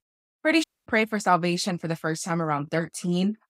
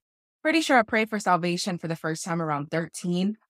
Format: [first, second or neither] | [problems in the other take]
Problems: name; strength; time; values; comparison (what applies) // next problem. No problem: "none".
second | audio cutting out; at 0.5 s